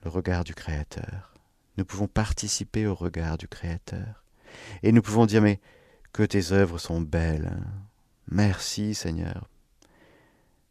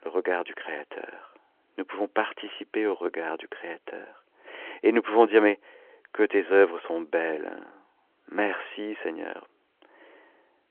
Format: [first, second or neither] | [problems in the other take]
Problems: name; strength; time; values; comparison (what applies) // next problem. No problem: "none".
first | phone-call audio